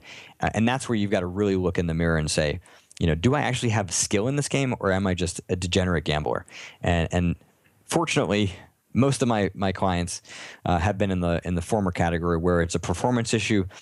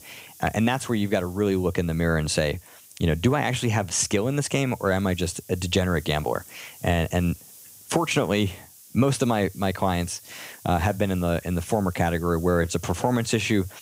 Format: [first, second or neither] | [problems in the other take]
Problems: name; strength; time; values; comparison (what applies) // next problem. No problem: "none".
first | hiss; faint; throughout; 20 dB below the speech